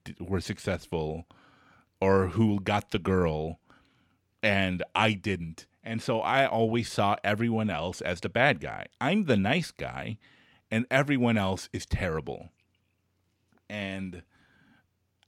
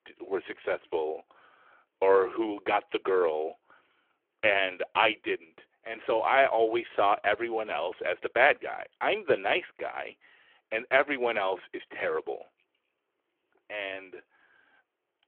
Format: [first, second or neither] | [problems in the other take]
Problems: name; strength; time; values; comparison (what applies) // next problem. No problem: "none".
first | phone-call audio